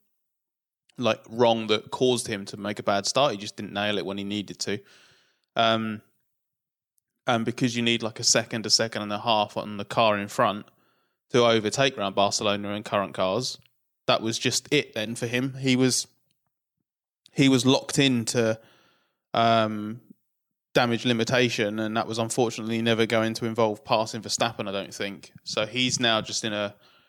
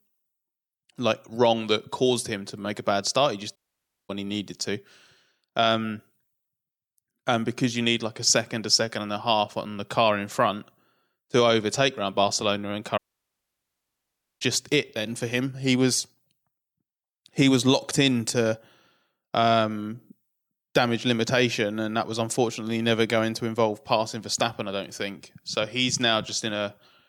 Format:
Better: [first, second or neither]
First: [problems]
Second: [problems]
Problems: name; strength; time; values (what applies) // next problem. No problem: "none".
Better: first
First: none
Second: audio cutting out; at 3.5 s for 0.5 s and at 13 s for 1.5 s